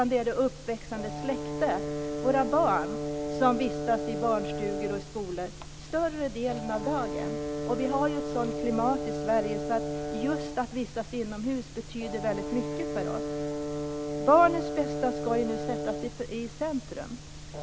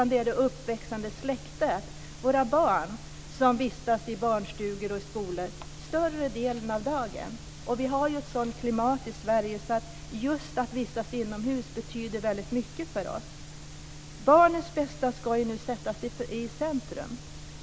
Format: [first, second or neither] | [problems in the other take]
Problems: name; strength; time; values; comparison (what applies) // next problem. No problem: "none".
second | background sound (Brass instrument); 5 dB below the speech